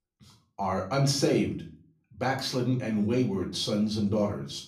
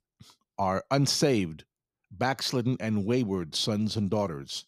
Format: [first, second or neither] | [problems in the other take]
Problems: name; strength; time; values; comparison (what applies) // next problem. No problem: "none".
second | off-mic speech; far // room echo; slight; dies away in 0.4 s